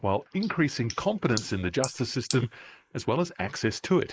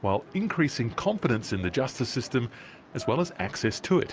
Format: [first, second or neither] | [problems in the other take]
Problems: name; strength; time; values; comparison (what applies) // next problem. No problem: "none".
second | noise reduction (neural mask model Resemble Enhance denoiser)